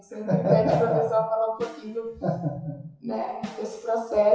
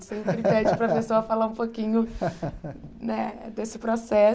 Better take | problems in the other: second | noise reduction (classical method WPE with log-MMSE)

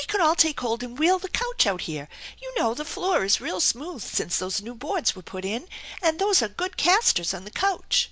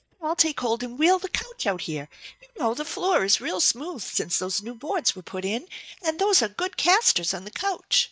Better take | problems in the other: first | noise reduction (neural mask model DeepFilterNet 3)

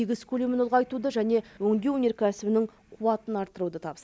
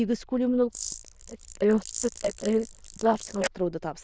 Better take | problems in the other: first | noise reduction (neural diffusion model UNIVERSE++)

